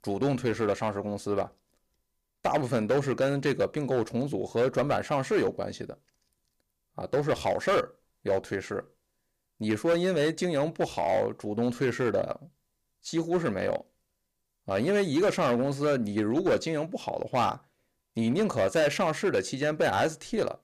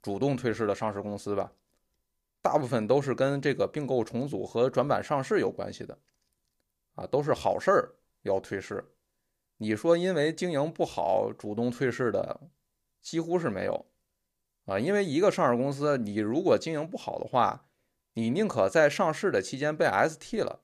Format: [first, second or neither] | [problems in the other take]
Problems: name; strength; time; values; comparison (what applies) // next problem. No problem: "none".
second | distortion; slight; 6% of the sound clipped